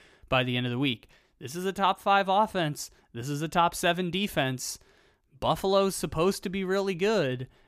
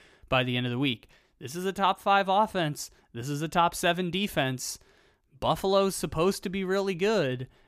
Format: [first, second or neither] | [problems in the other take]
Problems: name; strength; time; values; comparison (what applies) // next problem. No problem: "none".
neither | none